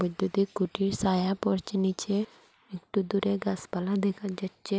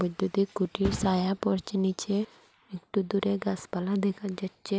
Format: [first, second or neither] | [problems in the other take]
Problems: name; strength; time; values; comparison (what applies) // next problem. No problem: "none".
first | background sound (Thump, thud); 16 dB below the speech